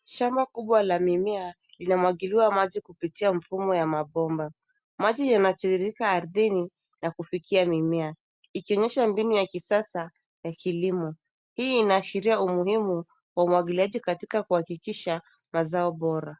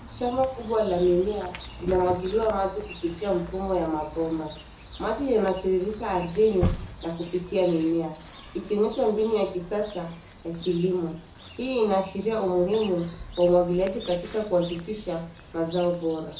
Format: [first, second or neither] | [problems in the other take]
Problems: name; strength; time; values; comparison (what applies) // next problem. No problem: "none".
first | background sound (Chirp, tweet); 13 dB below the speech // room echo; dies away in 0.5 s